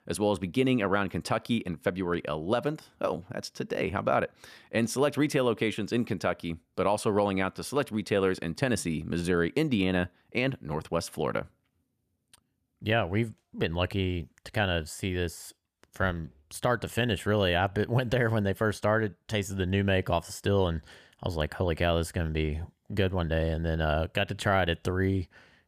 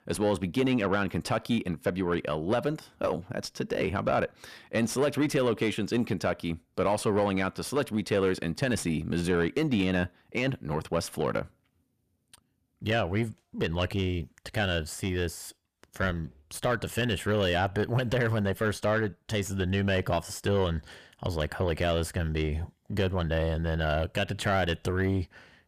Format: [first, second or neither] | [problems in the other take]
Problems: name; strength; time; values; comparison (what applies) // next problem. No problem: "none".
first | distortion; slight; 10 dB below the speech